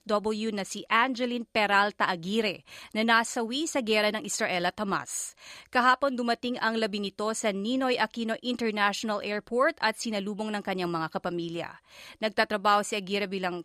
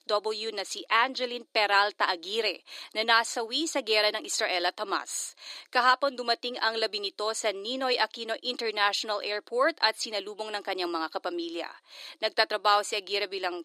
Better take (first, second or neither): first